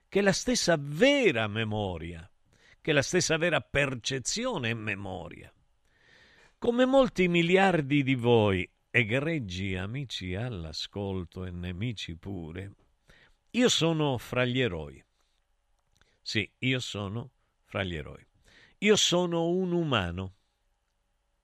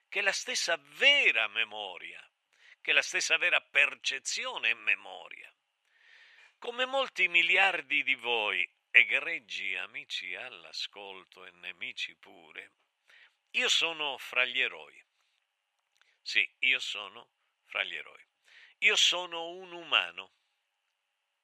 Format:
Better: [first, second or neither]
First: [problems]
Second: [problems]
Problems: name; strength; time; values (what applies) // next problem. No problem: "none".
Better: first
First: none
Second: thin; very; fading below 850 Hz